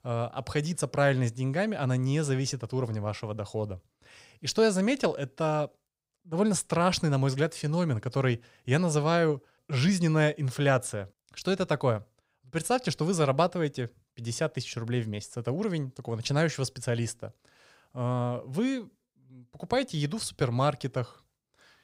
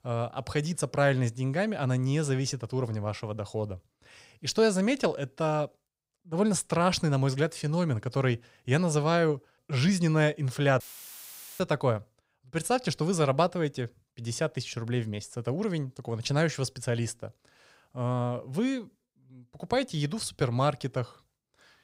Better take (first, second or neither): first